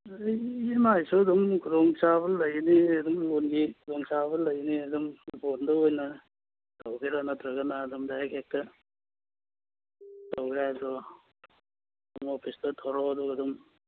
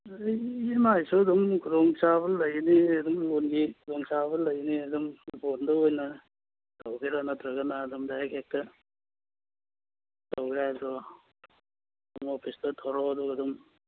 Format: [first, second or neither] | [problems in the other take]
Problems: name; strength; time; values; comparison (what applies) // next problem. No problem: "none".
second | background sound (Telephone); 19 dB below the speech